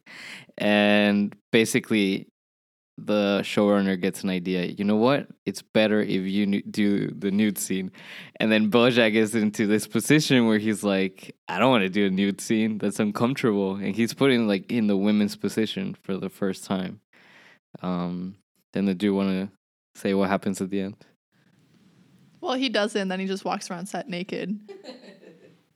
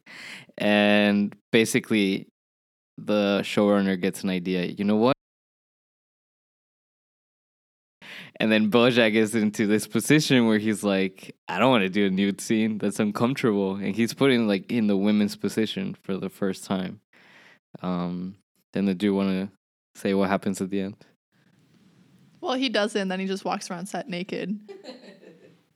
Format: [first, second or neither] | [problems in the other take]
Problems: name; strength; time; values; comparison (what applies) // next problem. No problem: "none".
first | audio cutting out; at 5 s for 3 s